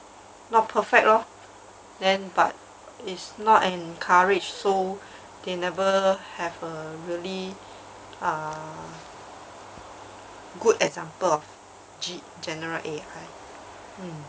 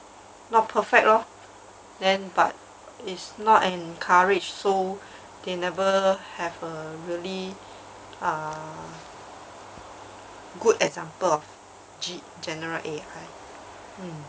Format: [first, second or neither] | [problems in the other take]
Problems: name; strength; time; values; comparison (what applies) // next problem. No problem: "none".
second | background sound (Dog); 19 dB below the speech